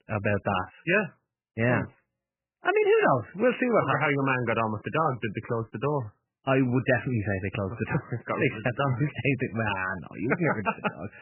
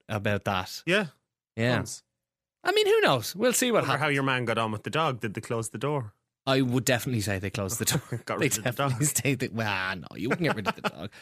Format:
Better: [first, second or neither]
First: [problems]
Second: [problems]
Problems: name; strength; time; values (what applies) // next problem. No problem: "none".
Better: second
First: garbled, watery; badly; nothing above 3 kHz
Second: none